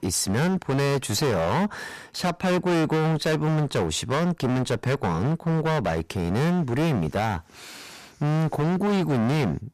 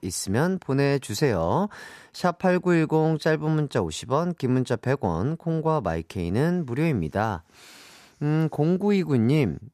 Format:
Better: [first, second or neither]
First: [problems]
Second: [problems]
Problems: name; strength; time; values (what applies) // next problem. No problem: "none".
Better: second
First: distortion; heavy; 27% of the sound clipped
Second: none